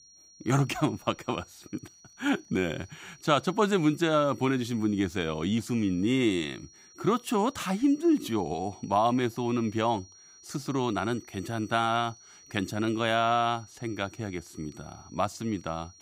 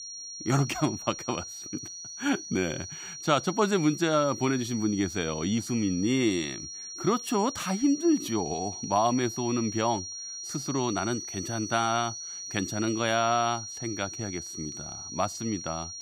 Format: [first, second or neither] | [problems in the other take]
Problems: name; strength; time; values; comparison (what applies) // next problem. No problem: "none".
first | high-pitched whine; loud; throughout; 5.5 kHz, 8 dB below the speech; faint in the first